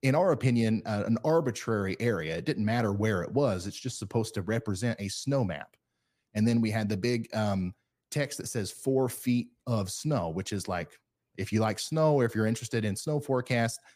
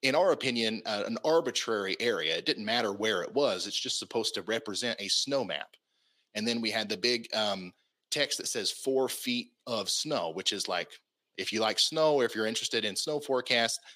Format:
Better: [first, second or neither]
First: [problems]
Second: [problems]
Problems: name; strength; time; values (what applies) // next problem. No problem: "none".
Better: first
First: none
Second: thin; somewhat; fading below 350 Hz